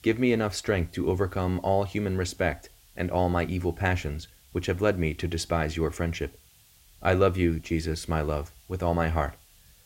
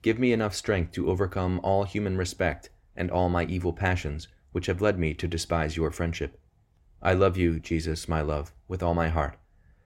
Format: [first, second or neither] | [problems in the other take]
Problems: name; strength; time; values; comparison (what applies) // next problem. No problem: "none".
second | hiss; faint; throughout; 30 dB below the speech